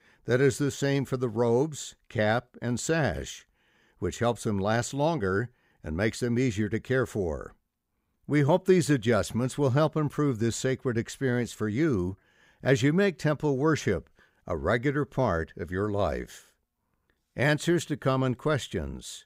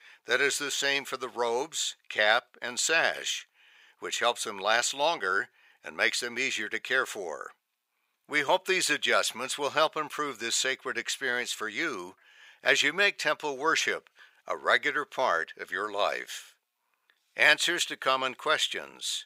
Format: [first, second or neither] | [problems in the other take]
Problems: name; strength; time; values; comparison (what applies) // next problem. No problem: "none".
first | thin; very; fading below 850 Hz